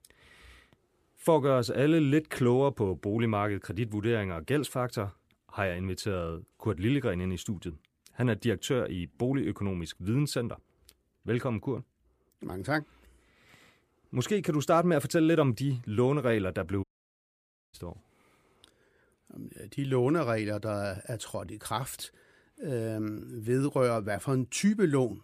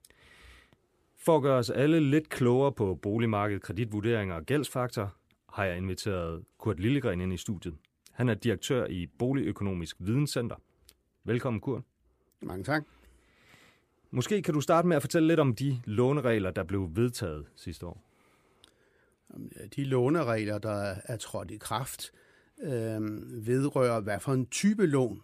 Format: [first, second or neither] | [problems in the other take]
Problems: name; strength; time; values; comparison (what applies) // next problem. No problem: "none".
second | audio cutting out; at 17 s for 1 s